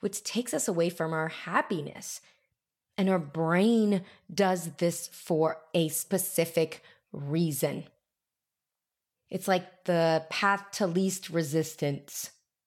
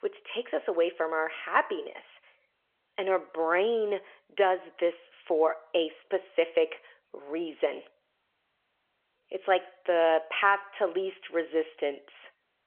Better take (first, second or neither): first